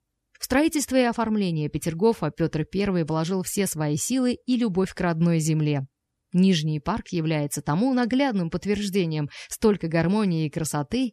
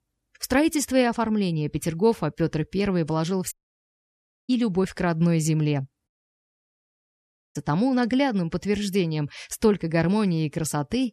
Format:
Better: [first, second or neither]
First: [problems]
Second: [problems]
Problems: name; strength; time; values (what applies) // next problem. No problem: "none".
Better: first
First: none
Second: audio cutting out; at 3.5 s for 1 s and at 6 s for 1.5 s